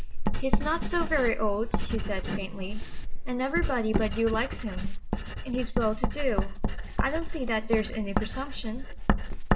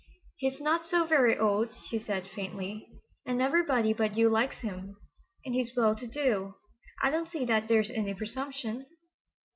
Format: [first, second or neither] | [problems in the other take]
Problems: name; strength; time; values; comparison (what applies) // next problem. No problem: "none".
second | background sound (Writing); 3 dB above the speech